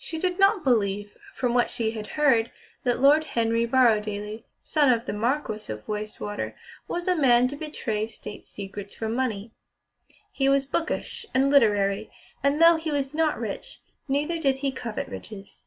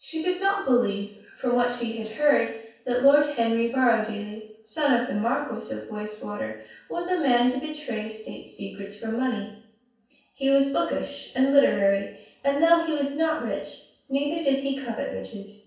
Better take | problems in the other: first | room echo; dies away in 0.7 s

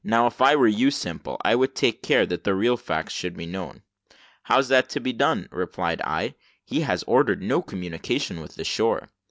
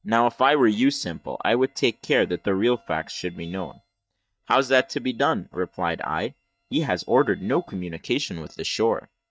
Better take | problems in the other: first | noise reduction (neural mask model DeepFilterNet 3)

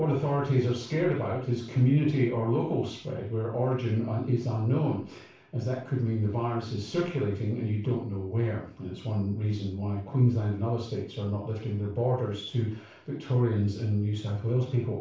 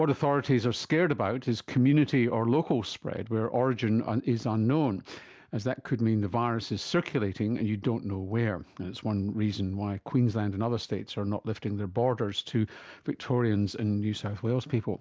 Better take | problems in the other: second | room echo; dies away in 0.4 s

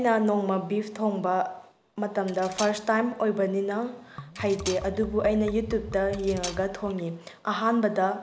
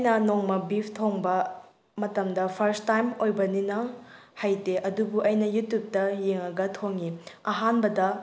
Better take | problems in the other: second | background sound (Liquid + Cutlery, silverware); 13 dB below the speech

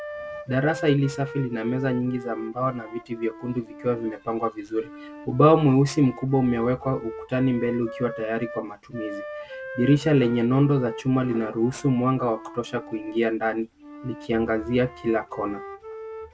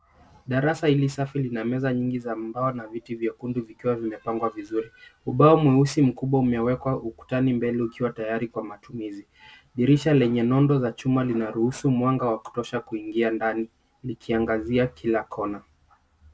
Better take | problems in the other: second | background sound (Wind instrument, woodwind instrument); 14 dB below the speech

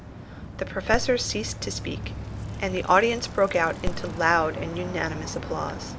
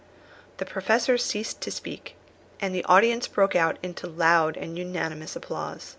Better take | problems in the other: second | background sound (Dog + Bicycle); 7 dB below the speech

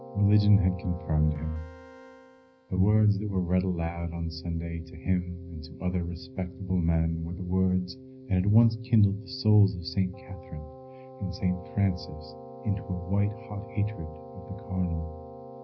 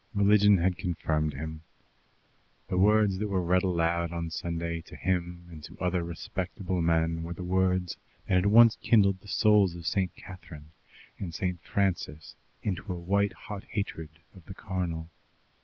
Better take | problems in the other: second | background sound (Keyboard (musical)); 17 dB below the speech // room echo; dies away in 0.4 s

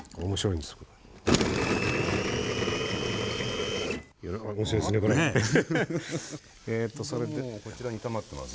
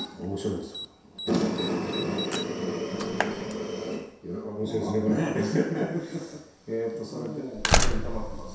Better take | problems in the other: first | background sound (Slam); 2 dB below the speech // room echo; dies away in 0.7 s

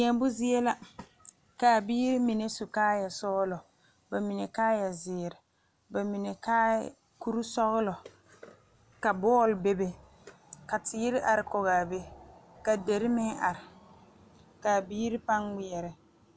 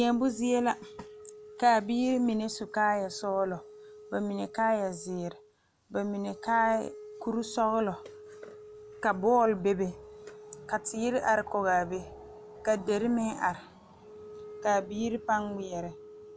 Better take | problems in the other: first | background sound (Wind instrument, woodwind instrument); 18 dB below the speech

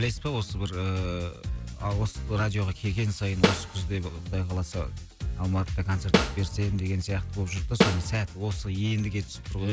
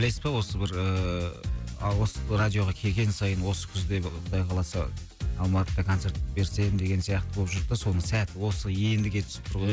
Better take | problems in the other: second | background sound (Snare drum); as loud as the speech

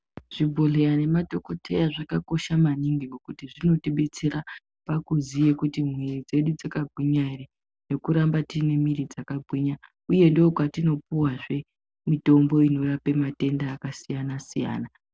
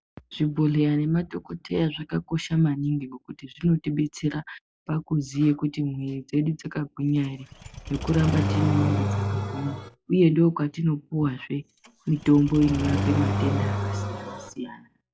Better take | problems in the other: first | noise reduction (classical method log-MMSE)

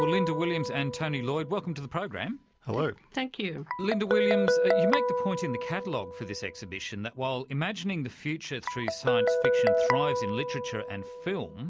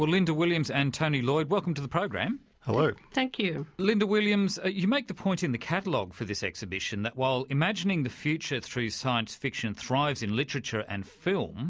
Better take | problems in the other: second | background sound (Guitar); 2 dB above the speech

